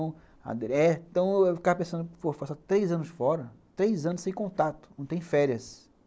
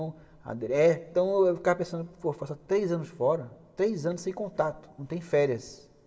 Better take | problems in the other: first | room echo; dies away in 1 s

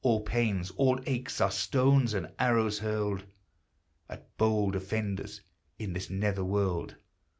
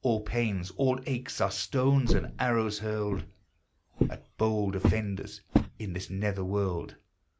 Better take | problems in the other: first | background sound (Walk, footsteps); 1 dB below the speech

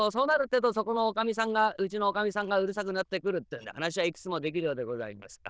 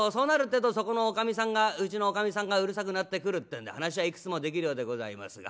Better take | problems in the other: second | noise reduction (neural diffusion model UNIVERSE++)

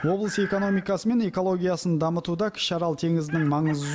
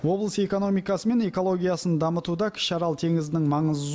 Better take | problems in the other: second | background sound (Chicken, rooster); 17 dB below the speech

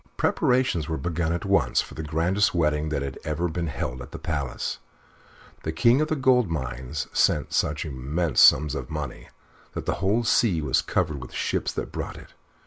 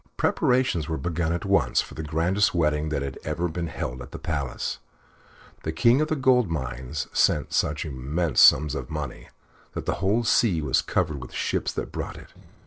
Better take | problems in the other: first | noise reduction (neural separator model SepFormer DNS4)

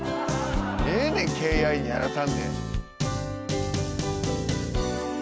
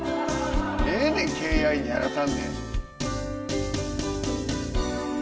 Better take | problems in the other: first | room echo; dies away in 1.6 s

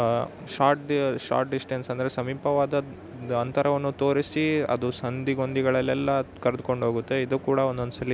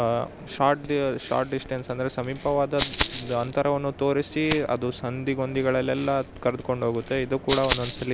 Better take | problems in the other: first | background sound (Rattle (instrument)); 11 dB below the speech

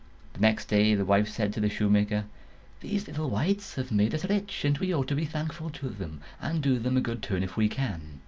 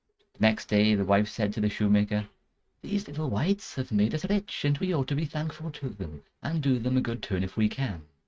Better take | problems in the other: first | noise reduction (neural mask model RNNoise)

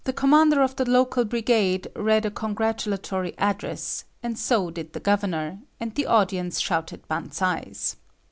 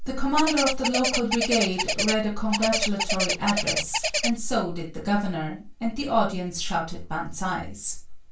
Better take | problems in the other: first | background sound (Bird); 1 dB below the speech // room echo; dies away in 0.2 s

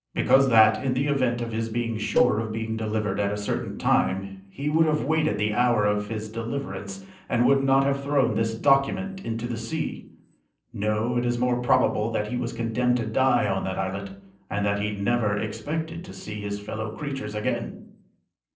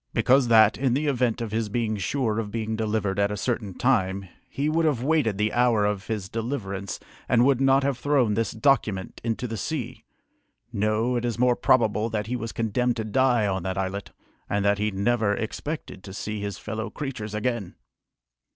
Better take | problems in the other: second | noise reduction (neural separator model SepFormer DNS4)

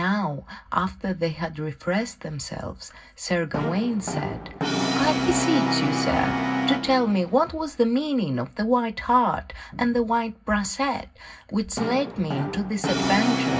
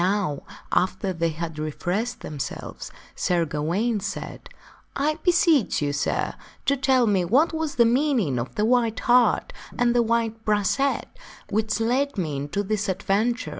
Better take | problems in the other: second | background sound (Brass instrument); 4 dB below the speech // room echo; dies away in 0.4 s

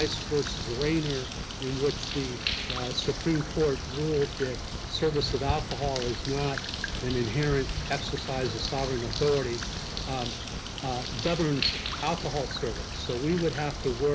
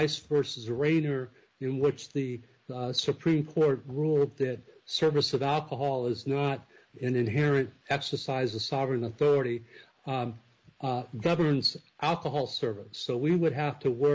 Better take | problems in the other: second | background sound (Bird); 4 dB below the speech

